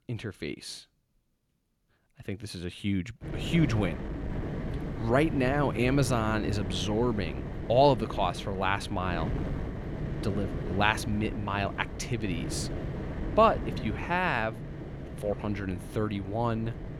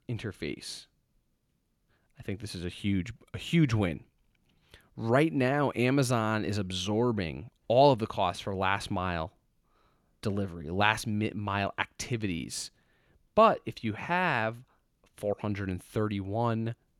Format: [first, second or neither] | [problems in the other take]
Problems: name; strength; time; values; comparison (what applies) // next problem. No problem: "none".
second | wind noise on the microphone; occasional gusts; from 3 s on; 15 dB below the speech